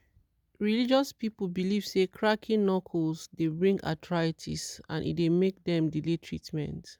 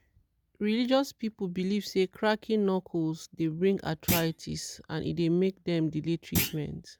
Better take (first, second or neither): first